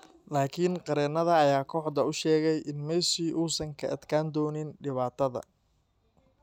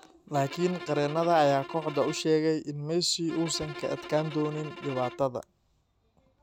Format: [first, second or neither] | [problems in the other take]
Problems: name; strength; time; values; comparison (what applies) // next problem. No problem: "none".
first | background sound (Bowed string instrument); 14 dB below the speech